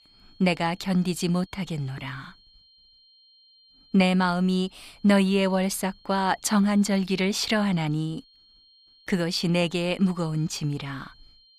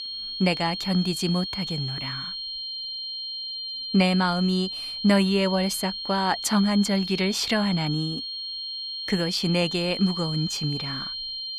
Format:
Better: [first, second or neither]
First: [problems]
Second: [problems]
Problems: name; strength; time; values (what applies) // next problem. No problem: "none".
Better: first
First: high-pitched whine; faint; throughout; 4 kHz, 30 dB below the speech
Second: high-pitched whine; loud; throughout; 4 kHz, 5 dB below the speech